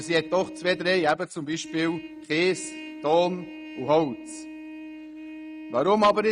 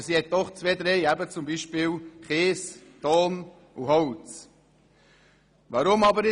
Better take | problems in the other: second | noise reduction (neural mask model RNNoise)

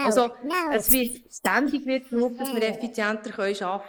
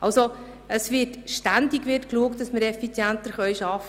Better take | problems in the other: second | noise reduction (neural mask model Resemble Enhance denoiser)

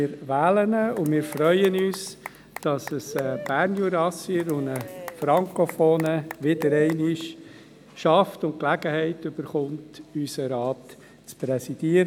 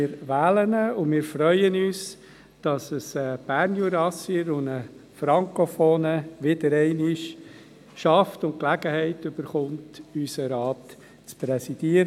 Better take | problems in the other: second | background sound (Applause / Cheering / Clapping); 14 dB below the speech

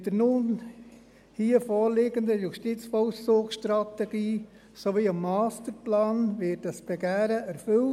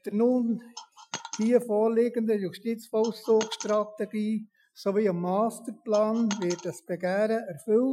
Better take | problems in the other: first | noise reduction (classical method Wiener filter)

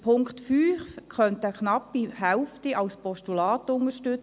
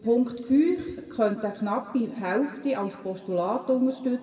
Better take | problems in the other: first | room echo; dies away in 1.4 s

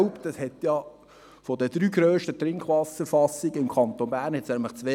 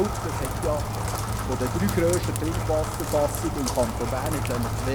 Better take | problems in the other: first | background sound (Rain); as loud as the speech

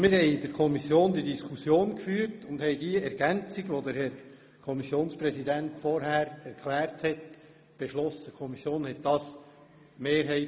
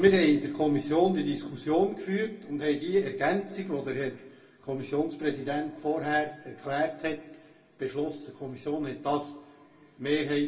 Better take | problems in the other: first | room echo; dies away in 0.2 s

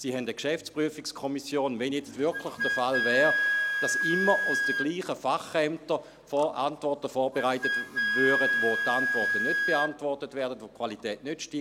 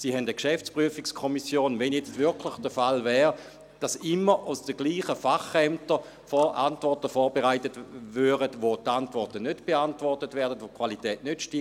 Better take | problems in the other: second | background sound (Wind instrument, woodwind instrument); 1 dB below the speech

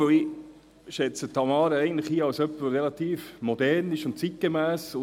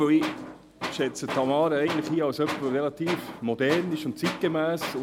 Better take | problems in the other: first | background sound (Tools); 10 dB below the speech

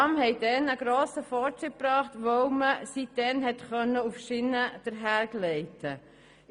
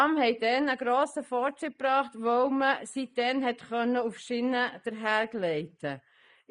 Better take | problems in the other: first | noise reduction (neural mask model Resemble Enhance denoiser)

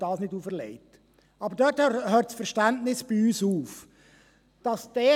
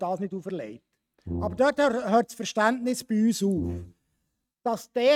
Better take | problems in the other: first | noise reduction (neural mask model RNNoise)

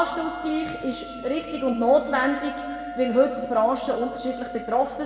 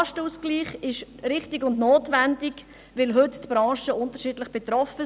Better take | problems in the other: second | background sound (Wind instrument, woodwind instrument); 12 dB below the speech // room echo; dies away in 1.8 s

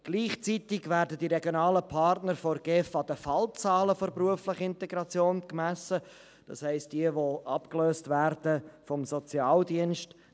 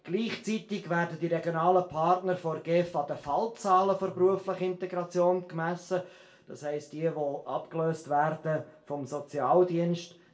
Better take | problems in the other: first | room echo; dies away in 0.3 s

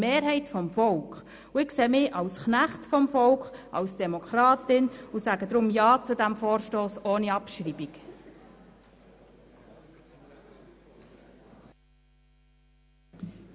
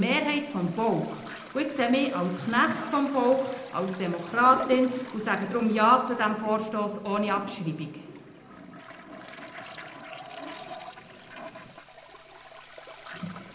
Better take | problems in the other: first | background sound (Toilet flush); 16 dB below the speech // room echo; dies away in 0.8 s

